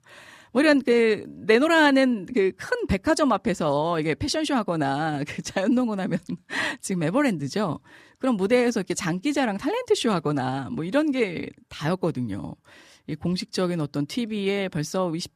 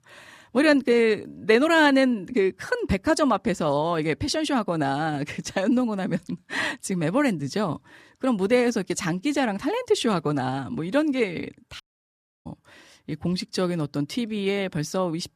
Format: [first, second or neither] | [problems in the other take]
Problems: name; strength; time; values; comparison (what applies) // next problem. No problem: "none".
first | audio cutting out; at 12 s for 0.5 s